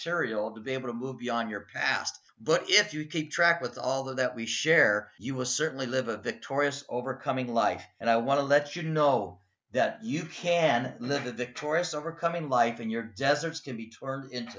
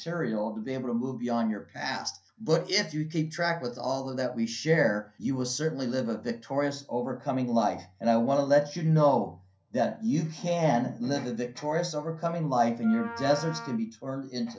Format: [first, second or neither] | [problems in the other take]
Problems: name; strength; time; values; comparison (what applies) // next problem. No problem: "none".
first | background sound (Wind instrument, woodwind instrument); 13 dB below the speech // room echo; dies away in 0.3 s